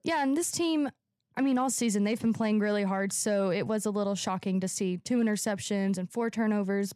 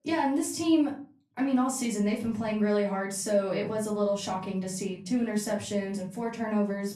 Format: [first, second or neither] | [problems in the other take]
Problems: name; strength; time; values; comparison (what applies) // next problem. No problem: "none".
first | off-mic speech; far // room echo; slight; dies away in 0.3 s